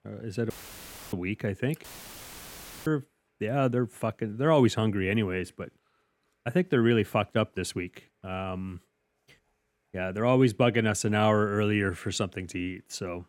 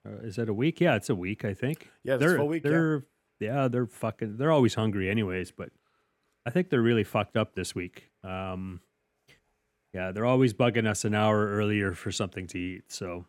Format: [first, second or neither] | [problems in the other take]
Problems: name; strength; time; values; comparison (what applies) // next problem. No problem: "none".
second | audio cutting out; filled with static; at 0.5 s for 0.5 s and at 2 s for 1 s